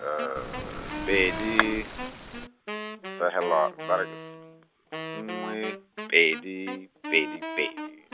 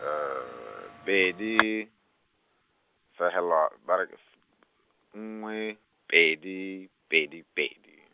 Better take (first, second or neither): second